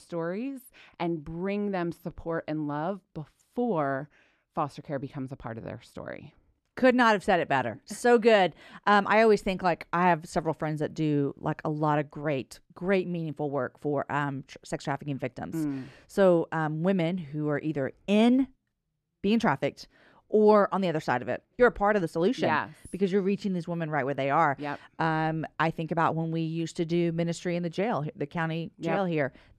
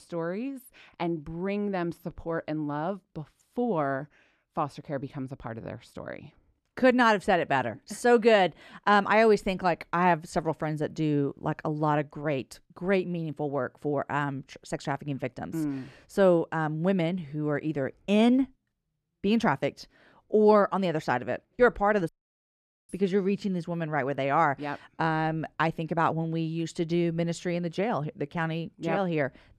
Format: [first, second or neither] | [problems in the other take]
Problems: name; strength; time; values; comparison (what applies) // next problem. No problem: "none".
first | audio cutting out; at 22 s for 1 s